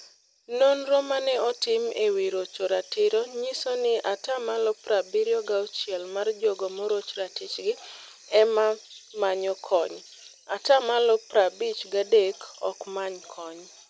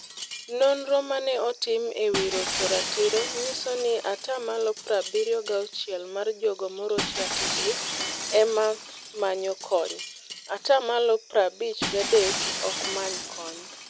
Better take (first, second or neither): first